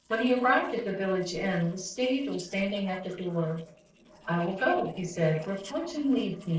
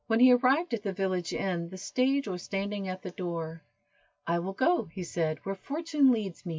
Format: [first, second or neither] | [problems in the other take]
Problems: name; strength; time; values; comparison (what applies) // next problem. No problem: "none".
second | noise reduction (neural separator model SepFormer DNS4)